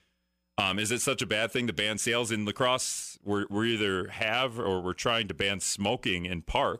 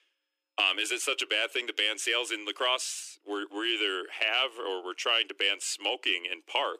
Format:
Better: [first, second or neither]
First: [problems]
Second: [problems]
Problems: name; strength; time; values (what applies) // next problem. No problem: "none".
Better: first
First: none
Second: thin; very; fading below 300 Hz